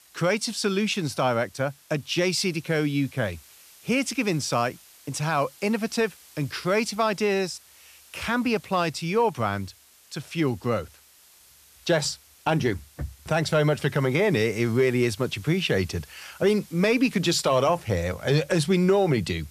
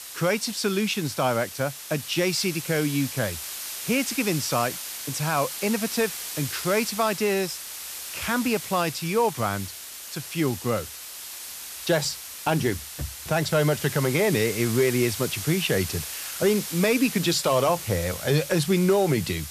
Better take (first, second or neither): first